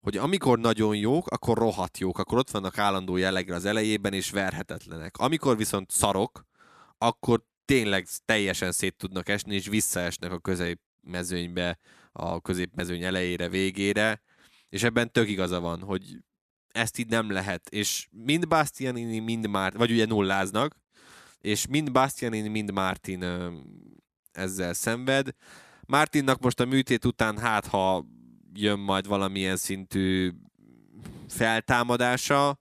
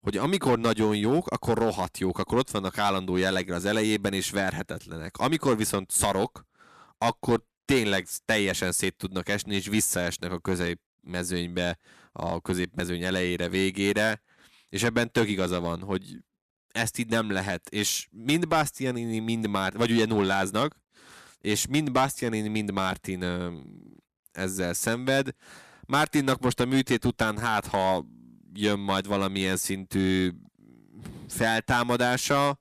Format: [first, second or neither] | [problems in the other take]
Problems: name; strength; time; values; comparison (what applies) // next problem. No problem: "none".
first | distortion; slight; 3% of the sound clipped